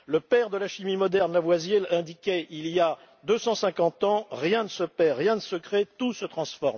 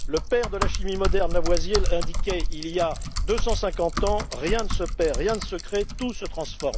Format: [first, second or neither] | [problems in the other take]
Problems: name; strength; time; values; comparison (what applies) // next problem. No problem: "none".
first | background sound (Typing); 2 dB above the speech